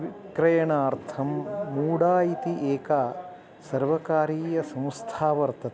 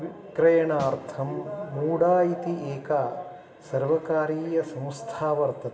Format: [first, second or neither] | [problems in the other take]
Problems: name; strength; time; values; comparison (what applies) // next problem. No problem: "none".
first | background sound (Snare drum); 17 dB below the speech // room echo; dies away in 0.9 s